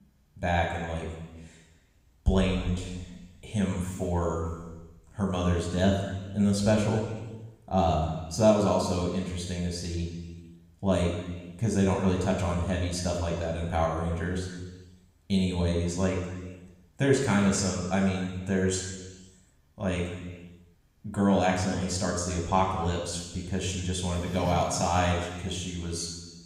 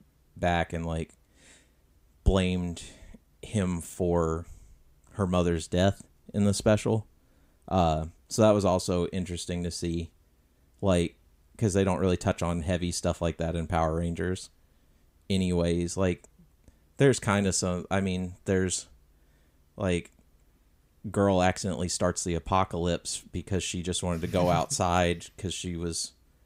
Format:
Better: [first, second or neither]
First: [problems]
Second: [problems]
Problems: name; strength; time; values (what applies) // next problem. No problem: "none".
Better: second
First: room echo; noticeable; dies away in 1.3 s // off-mic speech; somewhat distant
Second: none